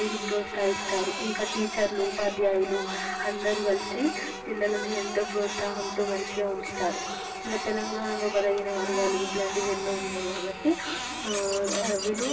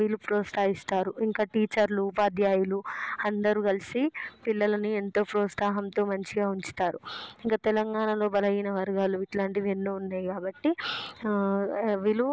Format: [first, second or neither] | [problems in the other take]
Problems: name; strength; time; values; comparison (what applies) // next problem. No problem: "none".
second | background sound (Printer); 6 dB below the speech // room echo; dies away in 2.4 s